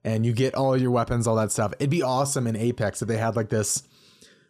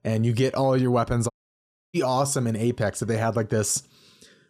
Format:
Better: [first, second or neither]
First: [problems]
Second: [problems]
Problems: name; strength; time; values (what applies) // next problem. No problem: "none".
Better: first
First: none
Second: audio cutting out; at 1.5 s for 0.5 s